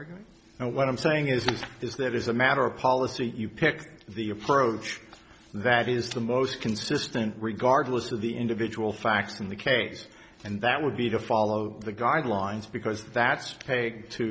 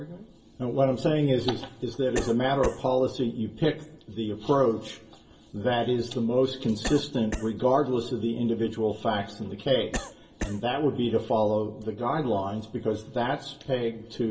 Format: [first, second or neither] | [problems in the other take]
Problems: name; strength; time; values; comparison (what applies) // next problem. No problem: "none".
first | background sound (Cough); 9 dB below the speech // room echo; dies away in 0.2 s